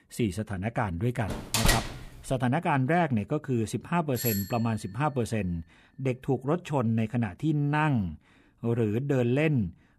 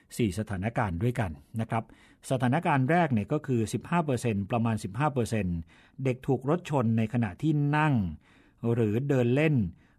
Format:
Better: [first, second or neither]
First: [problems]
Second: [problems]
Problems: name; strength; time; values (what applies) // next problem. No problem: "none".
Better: second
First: door banging; loud; from 1.5 to 2.5 s; peak 4 dB above the speech // doorbell; noticeable; at 4 s; peak 3 dB below the speech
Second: none